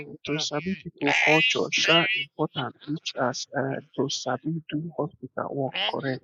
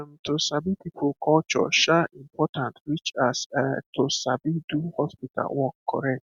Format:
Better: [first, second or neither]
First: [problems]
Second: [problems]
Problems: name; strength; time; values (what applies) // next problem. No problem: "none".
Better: second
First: noise reduction (neural mask model Resemble Enhance denoiser)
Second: none